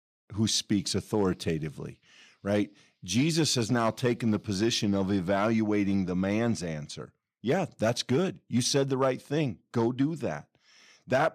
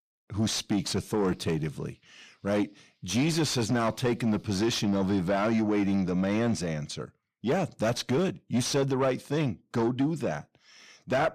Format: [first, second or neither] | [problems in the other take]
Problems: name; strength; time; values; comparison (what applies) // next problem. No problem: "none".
first | distortion; slight; 10 dB below the speech